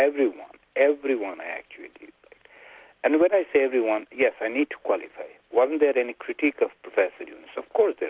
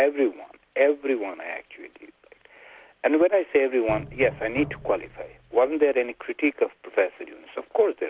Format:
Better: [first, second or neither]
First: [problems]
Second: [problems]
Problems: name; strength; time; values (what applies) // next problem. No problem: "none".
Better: first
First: none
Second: background sound (Knock); 16 dB below the speech